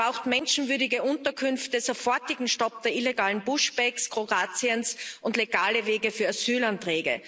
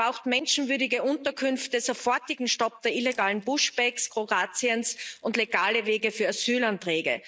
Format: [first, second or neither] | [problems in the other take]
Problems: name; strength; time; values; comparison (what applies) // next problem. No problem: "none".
first | noise reduction (neural mask model DeepFilterNet 3)